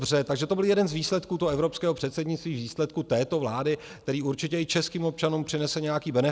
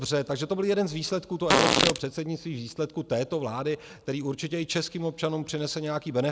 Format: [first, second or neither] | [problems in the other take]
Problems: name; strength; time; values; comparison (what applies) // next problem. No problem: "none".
first | background sound (Fart); 5 dB above the speech